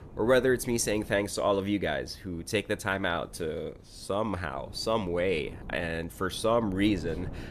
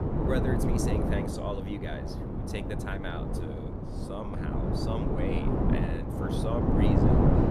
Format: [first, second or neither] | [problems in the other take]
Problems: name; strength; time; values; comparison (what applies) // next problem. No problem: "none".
first | wind noise on the microphone; heavy; 4 dB above the speech; occasional gusts in the first